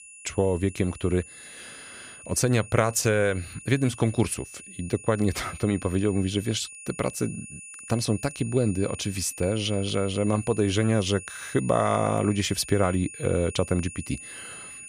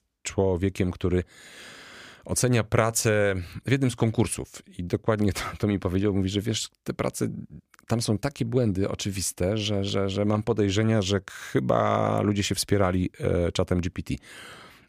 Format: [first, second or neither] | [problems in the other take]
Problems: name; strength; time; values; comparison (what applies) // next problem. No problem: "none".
second | high-pitched whine; noticeable; throughout; 9.5 kHz, 15 dB below the speech